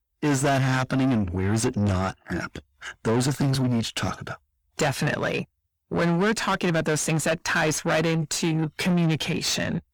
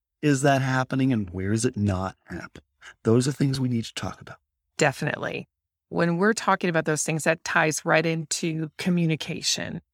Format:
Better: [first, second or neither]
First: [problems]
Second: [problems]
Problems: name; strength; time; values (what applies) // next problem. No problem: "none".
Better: second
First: distortion; heavy; 6 dB below the speech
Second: none